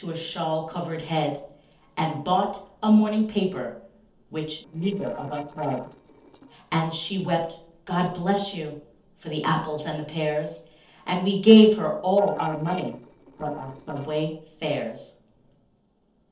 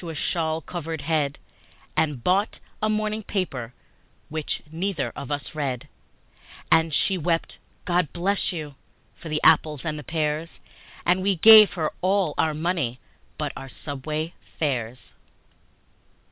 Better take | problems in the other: second | noise reduction (neural separator model SepFormer DNS4)

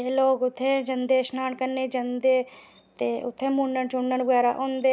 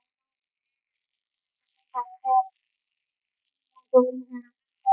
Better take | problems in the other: first | noise reduction (neural mask model Resemble Enhance denoiser)

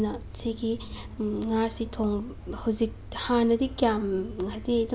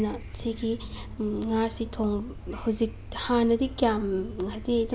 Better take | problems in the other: first | background sound (Subway, metro, underground / Wind); 17 dB below the speech

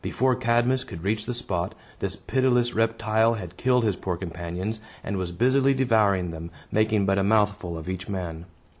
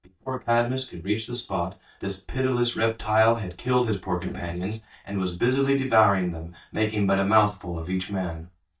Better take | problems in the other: first | noise reduction (neural mask model DeepFilterNet 3)

